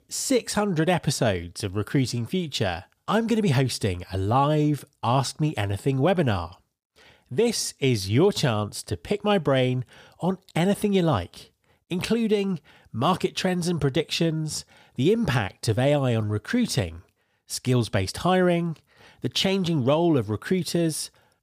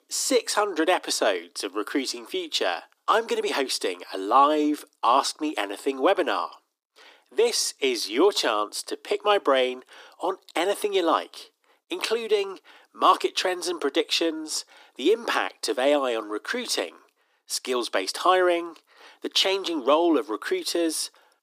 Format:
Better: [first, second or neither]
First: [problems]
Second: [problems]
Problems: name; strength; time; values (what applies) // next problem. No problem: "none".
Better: first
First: none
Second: thin; very; fading below 300 Hz